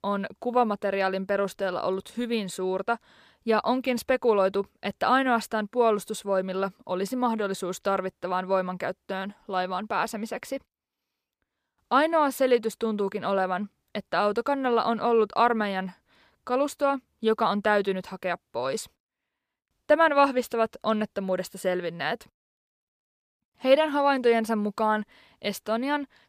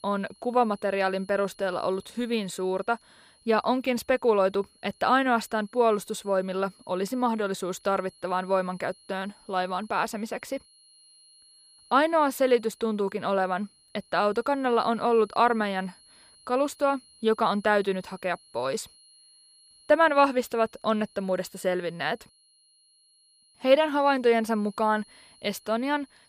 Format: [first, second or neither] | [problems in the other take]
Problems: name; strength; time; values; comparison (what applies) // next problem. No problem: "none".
first | high-pitched whine; faint; throughout; 4 kHz, 30 dB below the speech